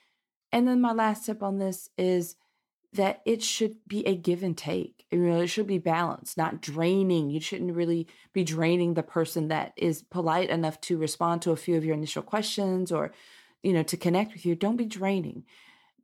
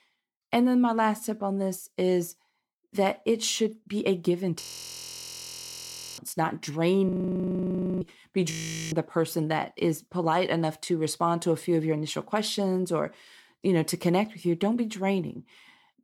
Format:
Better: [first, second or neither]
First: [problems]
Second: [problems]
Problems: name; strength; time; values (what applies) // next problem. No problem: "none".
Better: first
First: none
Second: audio freezing; at 4.5 s for 1.5 s, at 7 s for 1 s and at 8.5 s